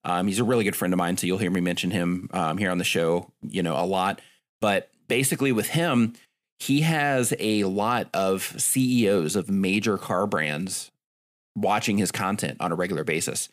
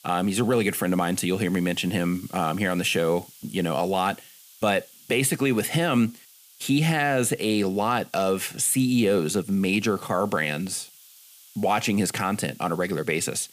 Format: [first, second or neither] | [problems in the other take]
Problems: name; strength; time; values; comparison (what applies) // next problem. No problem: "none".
first | hiss; faint; throughout; 25 dB below the speech